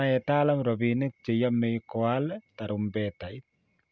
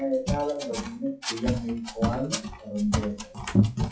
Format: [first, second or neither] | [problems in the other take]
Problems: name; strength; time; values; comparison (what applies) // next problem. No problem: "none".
first | noise reduction (classical method WPE with log-MMSE)